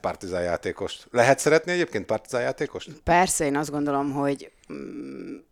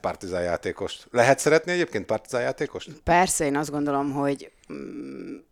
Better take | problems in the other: neither | none

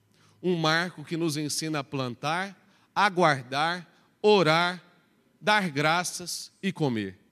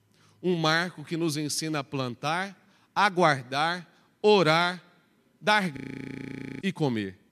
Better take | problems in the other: first | audio freezing; at 6 s for 1 s

